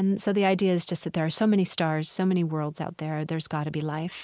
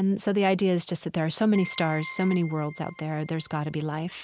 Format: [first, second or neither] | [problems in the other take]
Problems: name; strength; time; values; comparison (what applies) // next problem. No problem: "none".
first | background sound (Keyboard (musical)); 16 dB below the speech